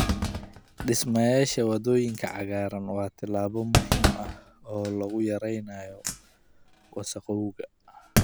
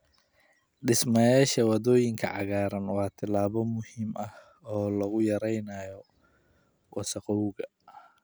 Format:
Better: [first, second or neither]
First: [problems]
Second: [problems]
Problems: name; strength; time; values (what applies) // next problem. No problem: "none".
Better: second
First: background sound (Thump, thud); 2 dB below the speech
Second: none